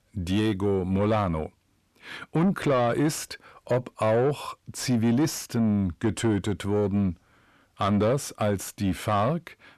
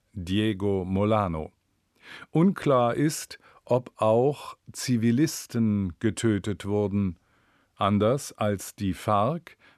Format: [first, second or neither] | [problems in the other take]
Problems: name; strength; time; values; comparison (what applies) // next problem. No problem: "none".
second | distortion; slight; 10 dB below the speech